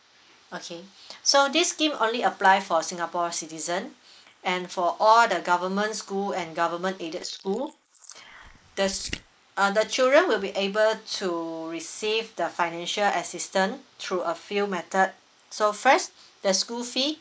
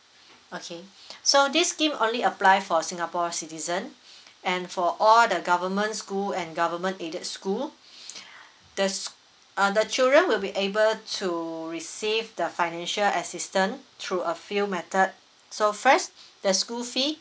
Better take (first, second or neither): second